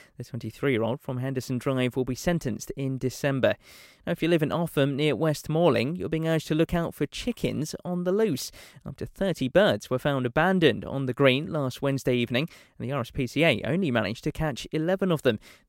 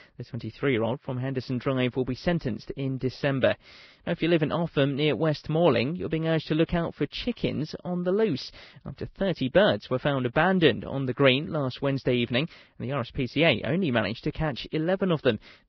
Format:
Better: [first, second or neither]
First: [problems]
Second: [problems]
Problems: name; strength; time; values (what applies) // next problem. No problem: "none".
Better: first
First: none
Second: garbled, watery; badly; nothing above 5.5 kHz